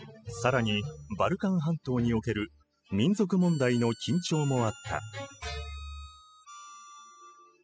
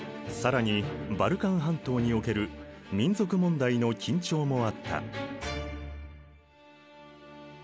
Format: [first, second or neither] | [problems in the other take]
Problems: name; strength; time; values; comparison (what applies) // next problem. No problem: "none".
second | noise reduction (classical method spectral subtraction)